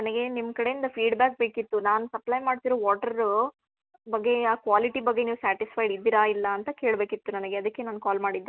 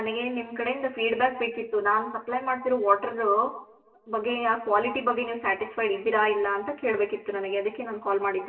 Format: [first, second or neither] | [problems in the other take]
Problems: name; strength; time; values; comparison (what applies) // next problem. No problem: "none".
first | room echo; dies away in 0.8 s